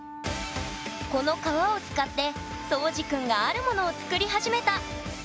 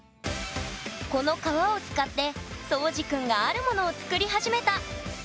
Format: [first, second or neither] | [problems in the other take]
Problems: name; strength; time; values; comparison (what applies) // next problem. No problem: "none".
second | background sound (Wind instrument, woodwind instrument); 13 dB below the speech